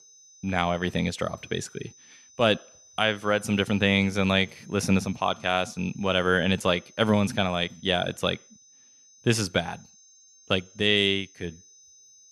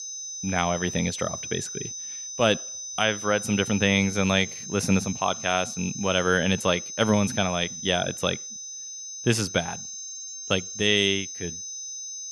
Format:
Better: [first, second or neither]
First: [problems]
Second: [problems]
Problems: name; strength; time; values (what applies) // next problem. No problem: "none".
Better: first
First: high-pitched whine; faint; throughout; 6 kHz, 25 dB below the speech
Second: high-pitched whine; loud; throughout; 6 kHz, 9 dB below the speech